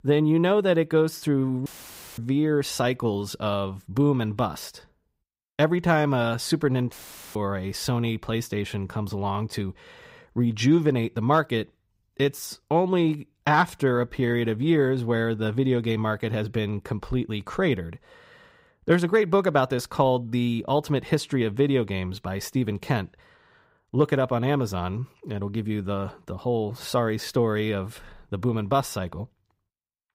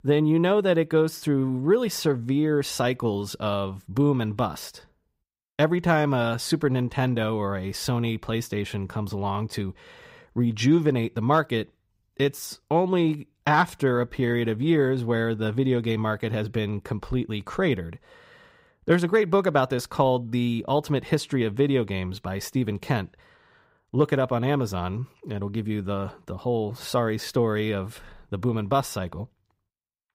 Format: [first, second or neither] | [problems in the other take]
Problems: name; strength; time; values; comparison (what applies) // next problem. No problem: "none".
second | audio cutting out; filled with static; at 1.5 s for 0.5 s and at 7 s